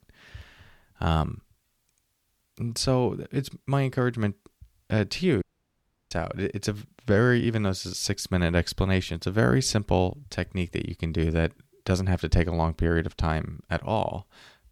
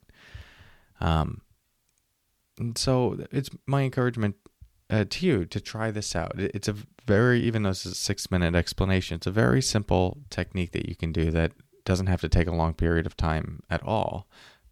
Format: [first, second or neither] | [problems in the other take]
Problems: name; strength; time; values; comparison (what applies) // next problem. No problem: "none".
second | audio cutting out; at 5.5 s for 0.5 s